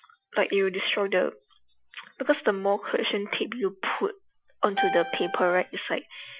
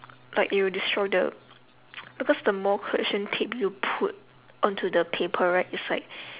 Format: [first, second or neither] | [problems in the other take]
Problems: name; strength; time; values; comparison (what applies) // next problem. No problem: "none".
second | noise reduction (classical method Wiener filter)